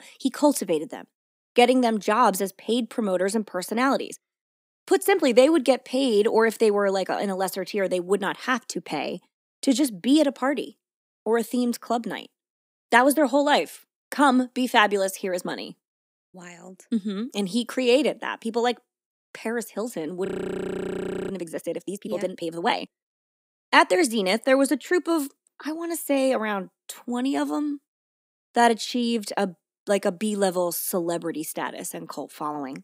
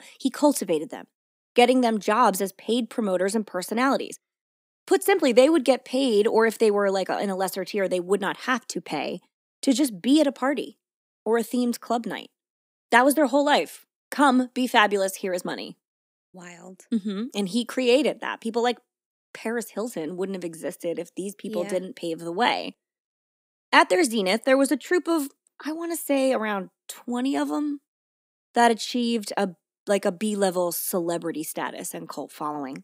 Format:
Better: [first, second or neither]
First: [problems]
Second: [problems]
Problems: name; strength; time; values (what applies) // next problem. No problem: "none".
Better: second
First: audio freezing; at 20 s for 1 s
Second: none